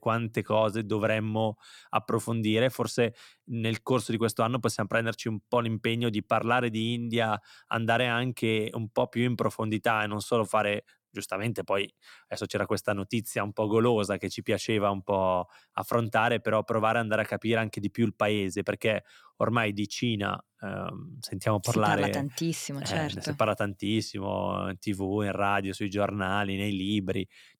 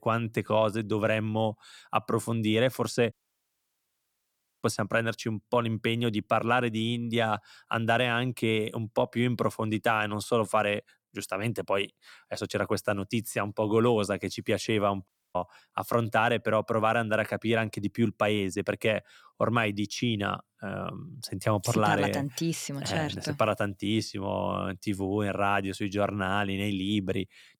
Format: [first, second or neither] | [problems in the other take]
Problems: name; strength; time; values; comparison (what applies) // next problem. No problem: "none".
first | audio cutting out; at 3 s for 1.5 s and at 15 s